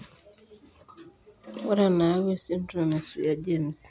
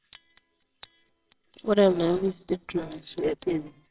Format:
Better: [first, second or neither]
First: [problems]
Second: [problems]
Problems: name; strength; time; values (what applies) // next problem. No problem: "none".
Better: first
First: none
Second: noise reduction (neural separator model SepFormer WHAMR!)